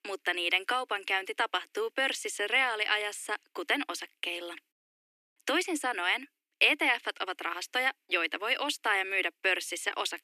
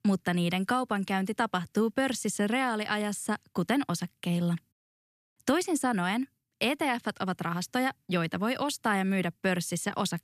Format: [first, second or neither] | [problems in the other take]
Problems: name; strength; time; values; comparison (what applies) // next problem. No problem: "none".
second | thin; very; fading below 300 Hz